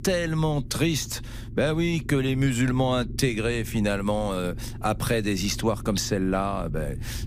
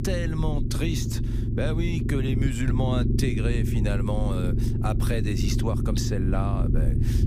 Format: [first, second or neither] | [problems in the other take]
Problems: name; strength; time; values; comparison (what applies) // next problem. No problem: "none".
first | low rumble; loud; throughout; 3 dB below the speech; faint in the first